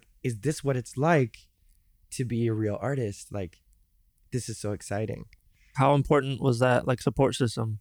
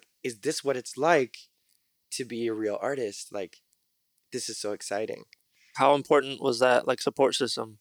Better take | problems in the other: first | thin; somewhat; fading below 400 Hz

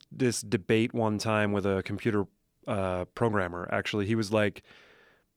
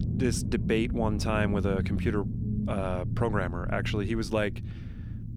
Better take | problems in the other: first | low rumble; noticeable; throughout; 10 dB below the speech

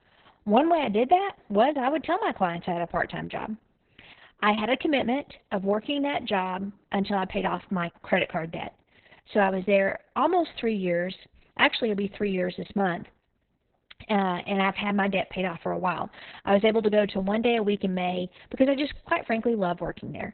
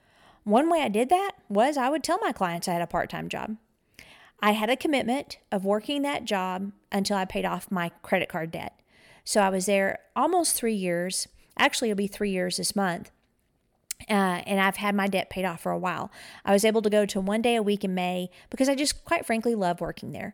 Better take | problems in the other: second | garbled, watery; badly; nothing above 4 kHz

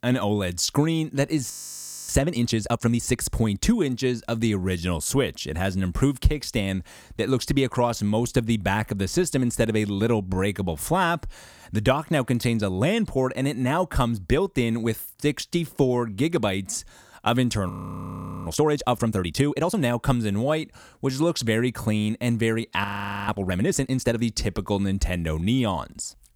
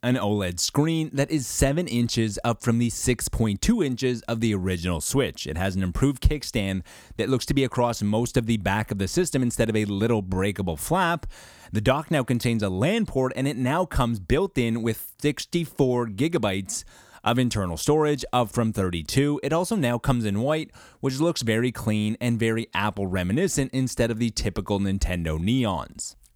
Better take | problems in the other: second | audio freezing; at 1.5 s for 0.5 s, at 18 s for 1 s and at 23 s

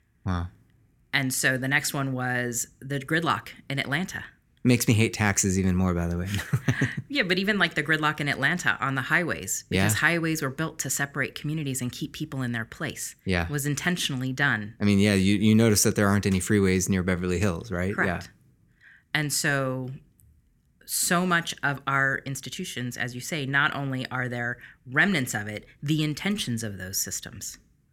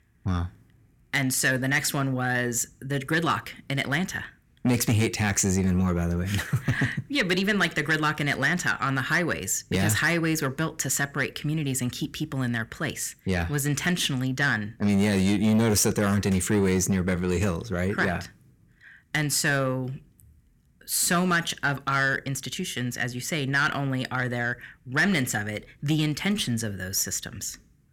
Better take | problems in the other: first | distortion; slight; 10 dB below the speech

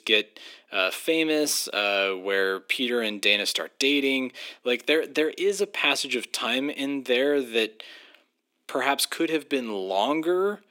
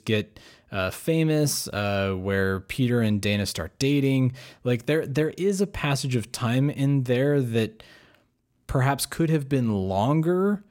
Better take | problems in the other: second | thin; somewhat; fading below 300 Hz

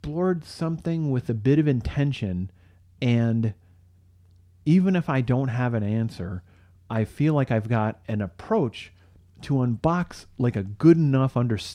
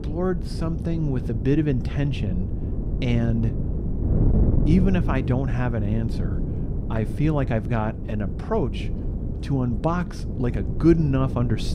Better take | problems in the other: first | wind noise on the microphone; heavy; 8 dB below the speech

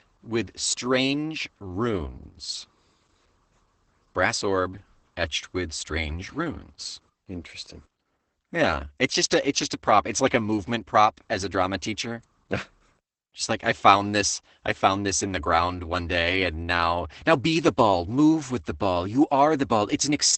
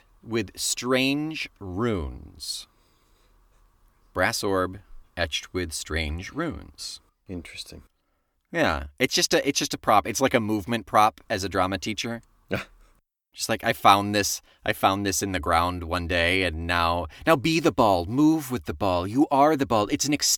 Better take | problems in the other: second | garbled, watery; badly; nothing above 8 kHz

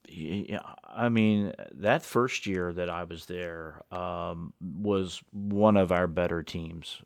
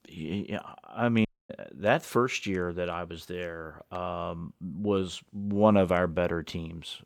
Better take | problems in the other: first | audio cutting out; at 1.5 s

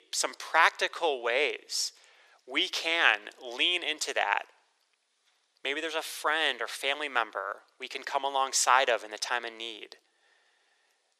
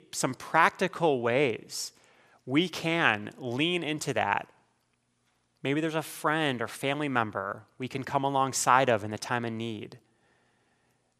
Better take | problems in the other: second | thin; very; fading below 400 Hz

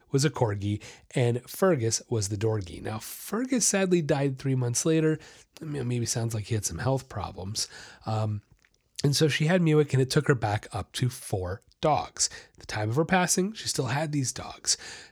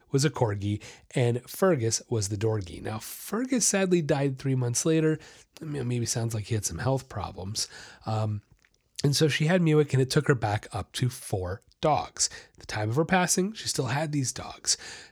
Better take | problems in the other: neither | none

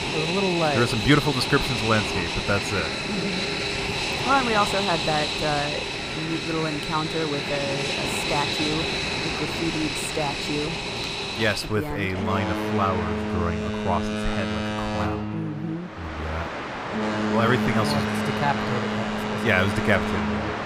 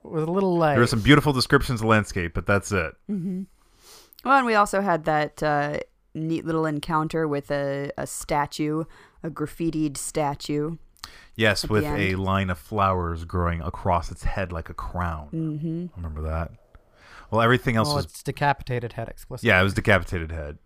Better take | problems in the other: second | train or aircraft noise; very loud; throughout; as loud as the speech

